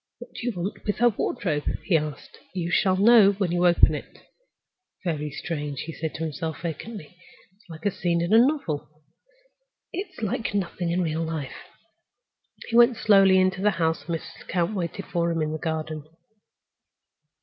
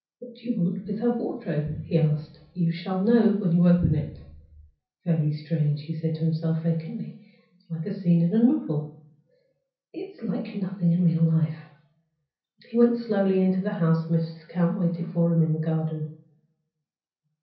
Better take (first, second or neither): first